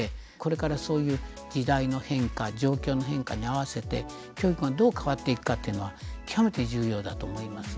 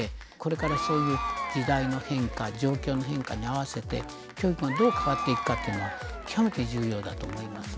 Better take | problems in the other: first | background sound (Applause / Crowd / Cheering); 6 dB below the speech

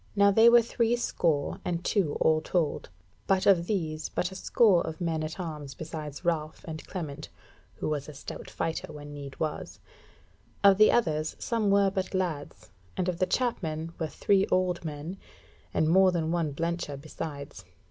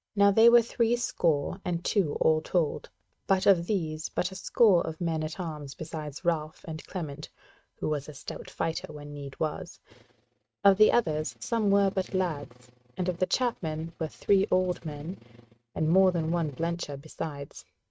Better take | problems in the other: first | noise reduction (neural mask model RNNoise)

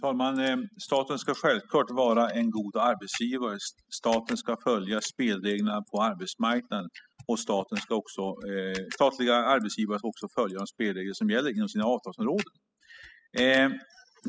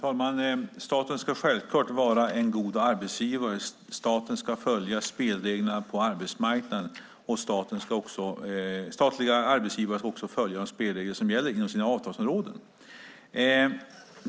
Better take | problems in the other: second | noise reduction (classical method spectral subtraction)

